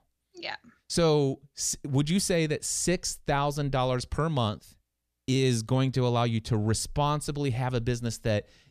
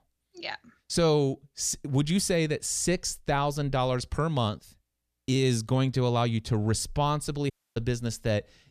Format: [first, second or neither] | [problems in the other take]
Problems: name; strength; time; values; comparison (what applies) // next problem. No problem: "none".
first | audio cutting out; at 7.5 s